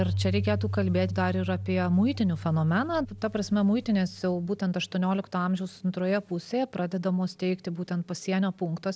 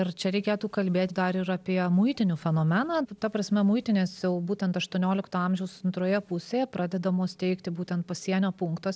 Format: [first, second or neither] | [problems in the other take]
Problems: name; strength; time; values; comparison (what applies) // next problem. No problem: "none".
second | background sound (Keyboard (musical)); 9 dB below the speech